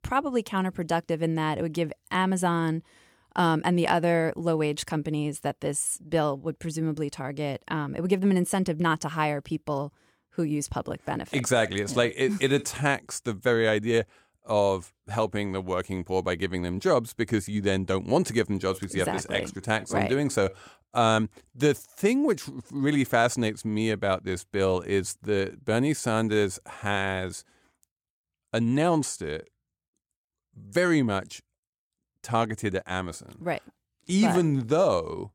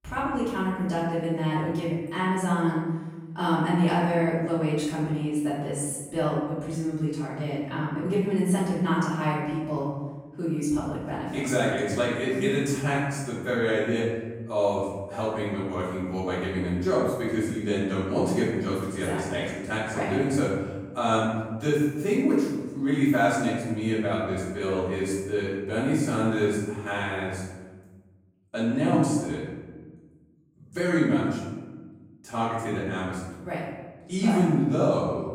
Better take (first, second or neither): first